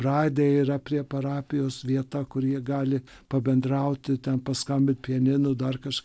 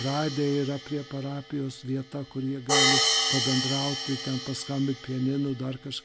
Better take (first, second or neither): first